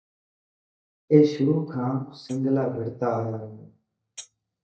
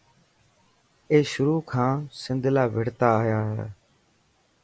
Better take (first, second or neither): second